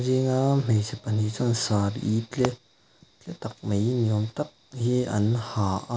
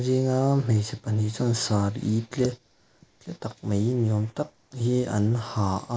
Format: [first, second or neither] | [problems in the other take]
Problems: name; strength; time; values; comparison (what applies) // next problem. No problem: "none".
first | noise reduction (neural mask model Resemble Enhance denoiser)